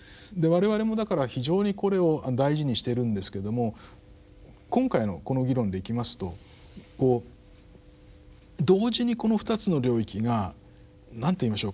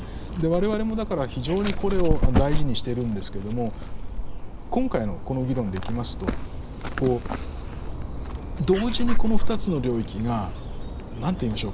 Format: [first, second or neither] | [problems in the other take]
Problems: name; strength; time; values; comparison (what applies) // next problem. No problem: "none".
first | background sound (Dog); 3 dB above the speech